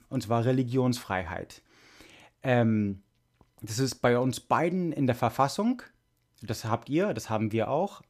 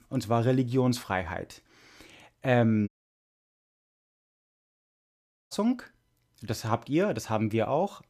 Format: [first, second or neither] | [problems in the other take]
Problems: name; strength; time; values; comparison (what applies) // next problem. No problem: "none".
first | audio cutting out; at 3 s for 2.5 s